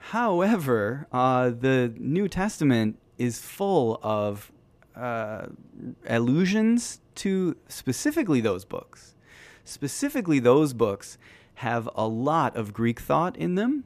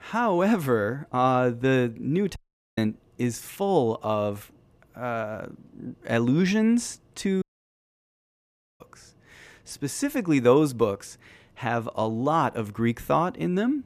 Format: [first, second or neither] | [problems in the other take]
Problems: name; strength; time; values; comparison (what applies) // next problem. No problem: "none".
first | audio cutting out; at 2.5 s and at 7.5 s for 1.5 s